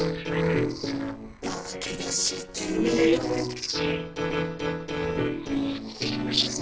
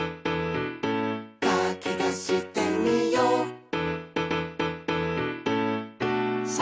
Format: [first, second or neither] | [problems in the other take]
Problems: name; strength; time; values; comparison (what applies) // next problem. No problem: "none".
second | noise reduction (neural separator model SepFormer DNS4)